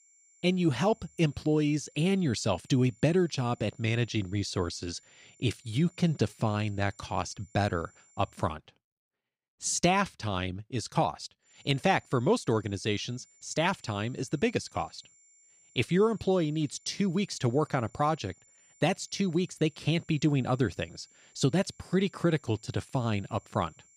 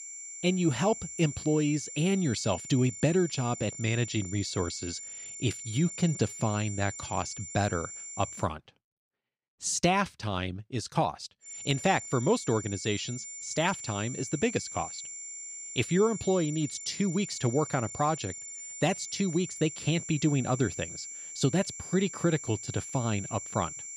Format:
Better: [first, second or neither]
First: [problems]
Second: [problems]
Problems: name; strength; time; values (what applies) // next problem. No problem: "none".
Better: first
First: high-pitched whine; faint; until 8.5 s and from 11 s on; 7 kHz, 30 dB below the speech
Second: high-pitched whine; loud; until 8.5 s and from 11 s on; 7 kHz, 9 dB below the speech